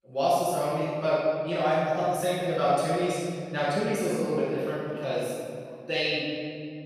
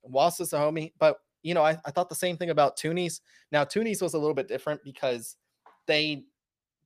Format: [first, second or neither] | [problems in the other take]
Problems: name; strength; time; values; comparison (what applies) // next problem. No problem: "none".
second | off-mic speech; far // room echo; strong; dies away in 2.4 s